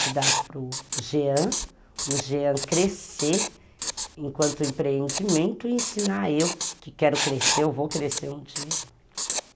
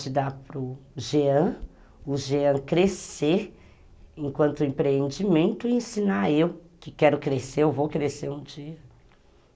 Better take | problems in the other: second | background sound (Writing); 3 dB below the speech

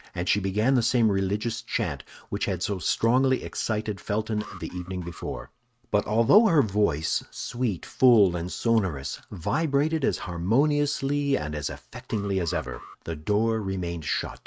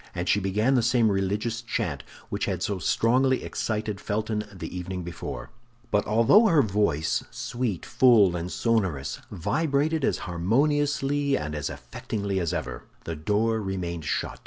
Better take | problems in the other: second | noise reduction (neural mask model RNNoise)

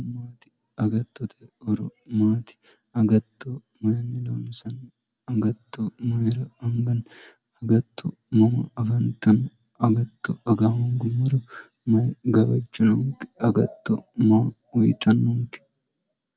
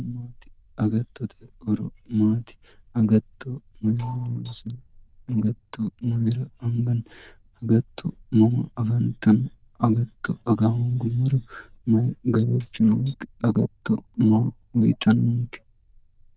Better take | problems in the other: first | noise reduction (neural diffusion model UNIVERSE++)

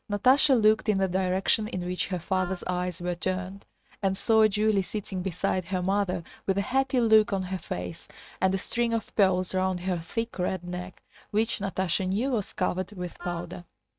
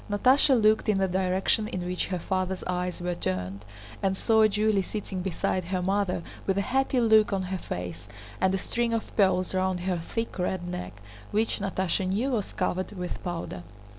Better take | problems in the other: second | noise reduction (neural mask model RNNoise)

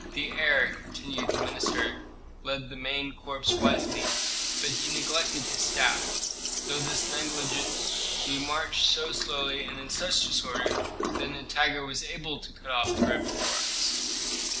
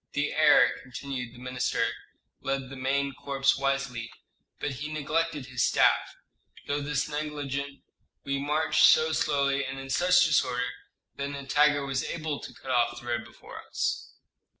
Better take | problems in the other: second | background sound (Toilet flush); as loud as the speech

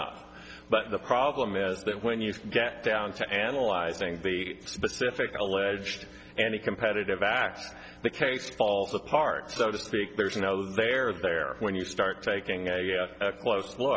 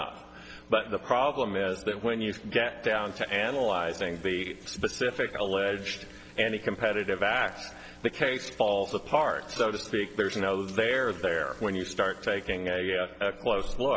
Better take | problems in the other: first | background sound (Sink (filling or washing) / Water tap, faucet); 18 dB below the speech

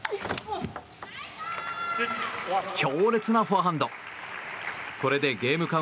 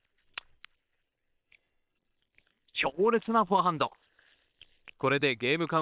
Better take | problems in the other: first | noise reduction (neural separator model SepFormer WHAM!)

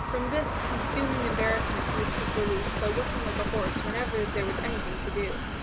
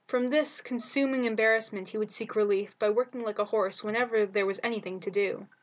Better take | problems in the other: second | background sound (Train); 3 dB above the speech

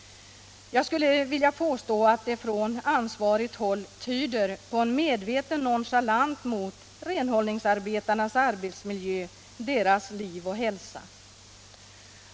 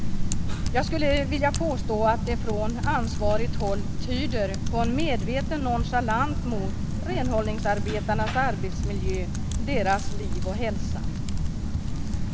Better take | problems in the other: first | background sound (Typing); 3 dB above the speech

